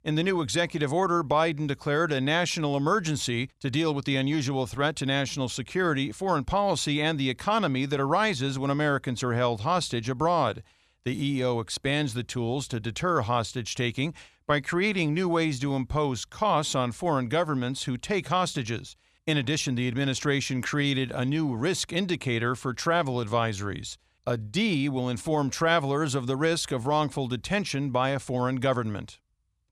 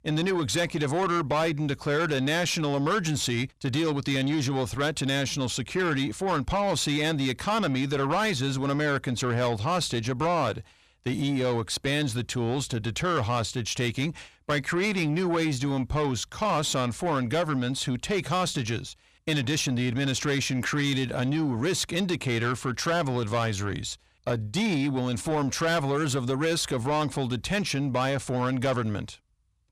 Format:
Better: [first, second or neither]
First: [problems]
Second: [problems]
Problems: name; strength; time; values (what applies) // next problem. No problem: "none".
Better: first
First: none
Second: distortion; slight; 10 dB below the speech